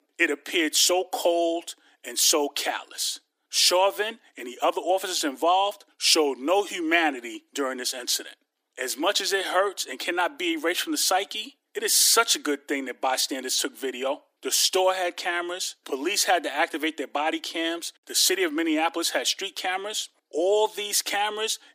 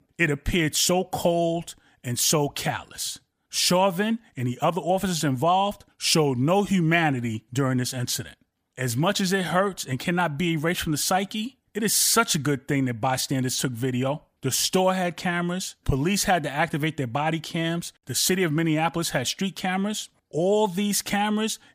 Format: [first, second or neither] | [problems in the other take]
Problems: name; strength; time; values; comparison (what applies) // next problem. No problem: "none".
second | thin; somewhat; fading below 300 Hz